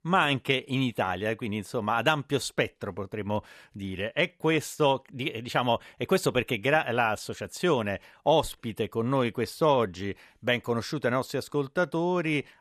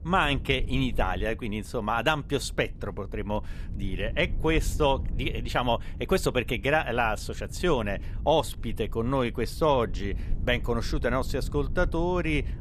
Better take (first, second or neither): first